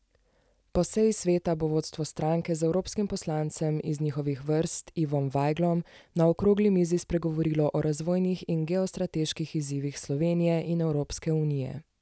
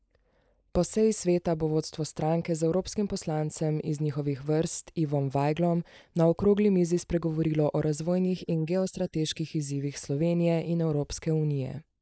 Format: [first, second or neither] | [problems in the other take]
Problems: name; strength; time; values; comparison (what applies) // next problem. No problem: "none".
first | noise reduction (neural mask model Resemble Enhance denoiser)